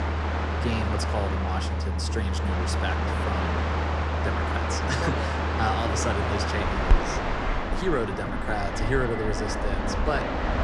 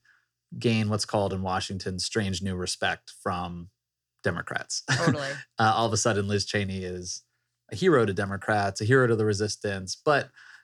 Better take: second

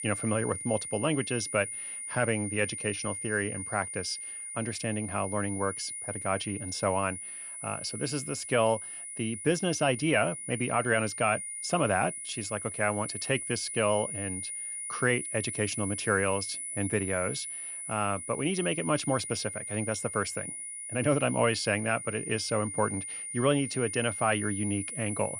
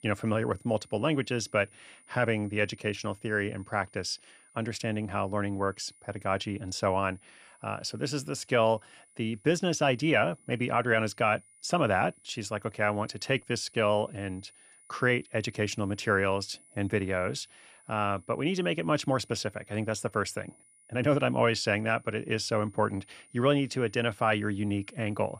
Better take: second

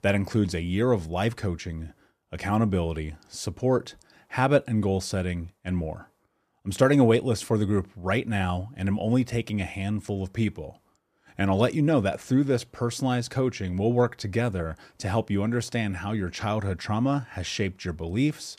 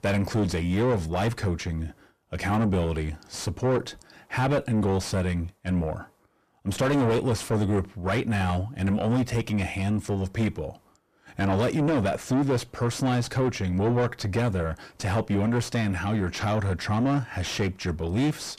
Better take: first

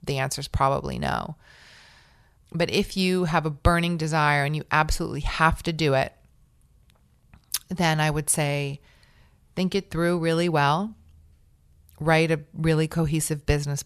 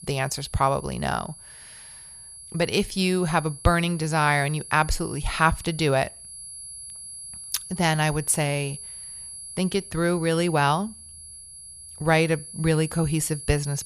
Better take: first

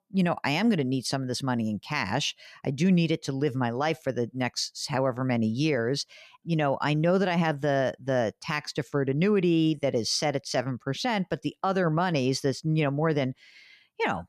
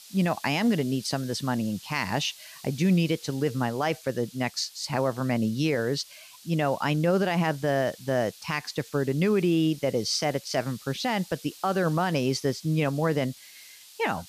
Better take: first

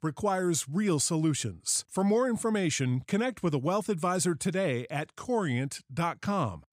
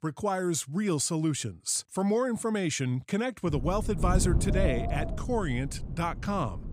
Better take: first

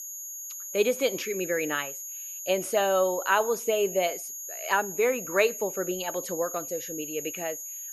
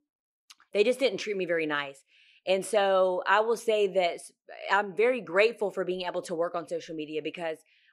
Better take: second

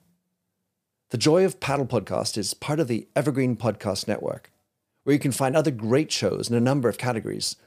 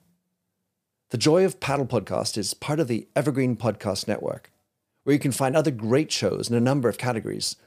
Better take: neither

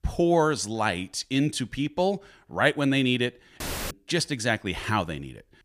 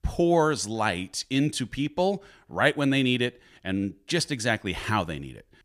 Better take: second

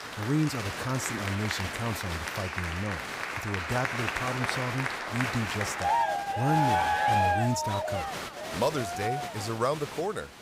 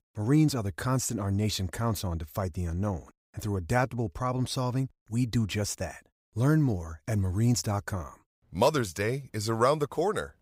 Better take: second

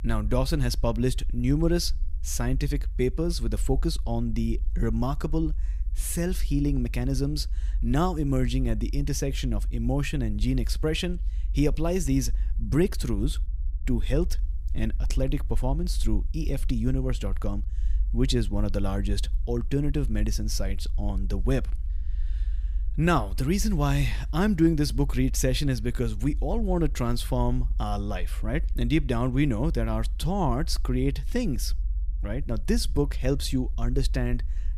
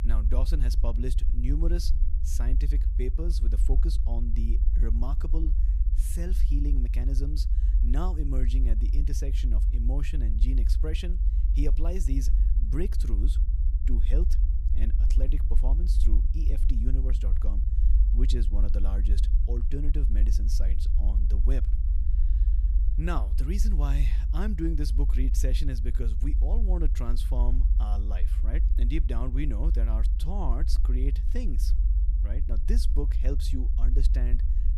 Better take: first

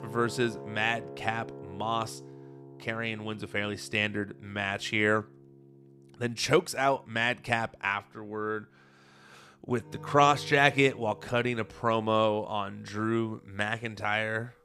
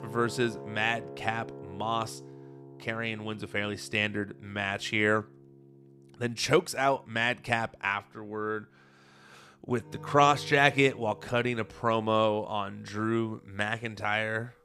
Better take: neither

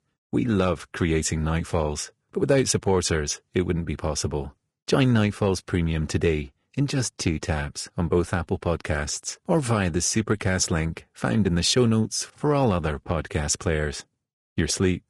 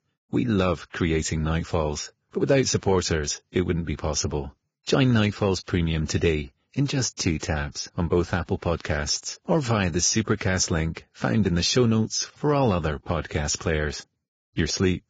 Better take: first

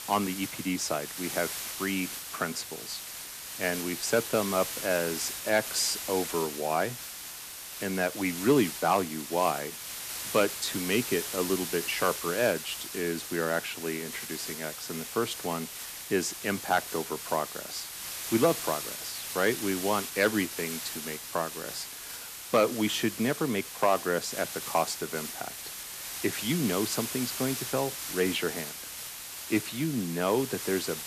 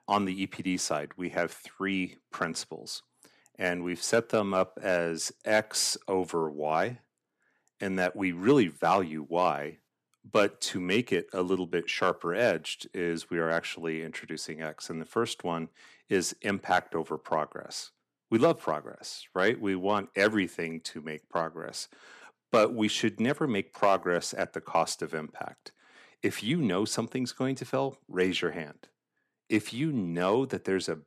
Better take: second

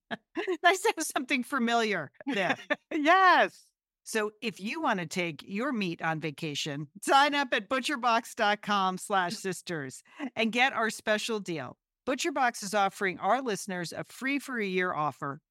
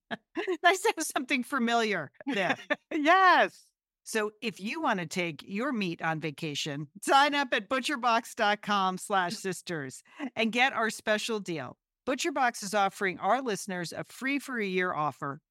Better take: neither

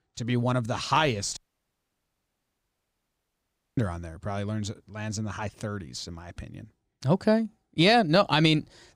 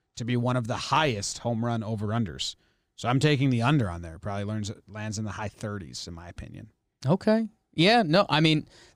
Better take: second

